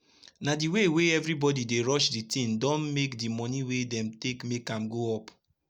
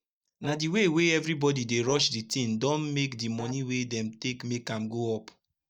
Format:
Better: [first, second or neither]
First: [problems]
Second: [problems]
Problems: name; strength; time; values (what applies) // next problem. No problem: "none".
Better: first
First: none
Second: noise reduction (neural mask model DeepFilterNet 3)